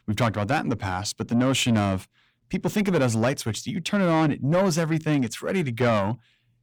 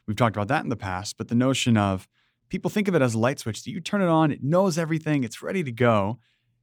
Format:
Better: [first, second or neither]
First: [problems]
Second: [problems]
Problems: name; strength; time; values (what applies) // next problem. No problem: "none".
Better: second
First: distortion; slight; 10 dB below the speech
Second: none